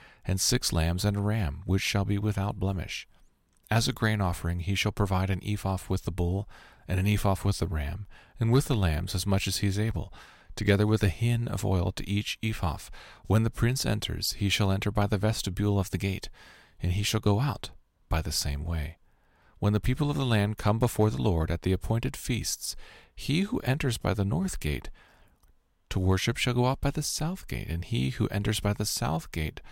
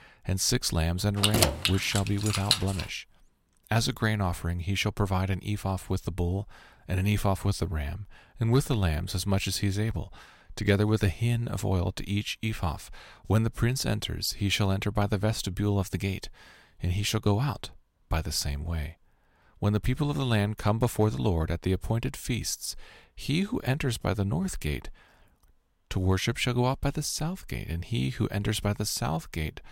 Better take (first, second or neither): first